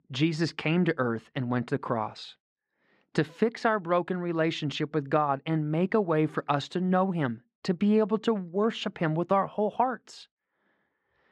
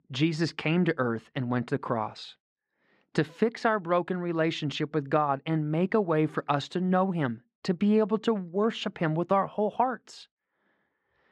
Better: neither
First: muffled; slightly; fading above 2.5 kHz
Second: muffled; slightly; fading above 2.5 kHz

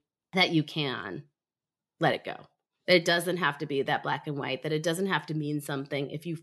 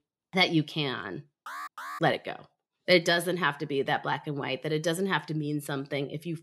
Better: first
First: none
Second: alarm; faint; at 1.5 s; peak 10 dB below the speech

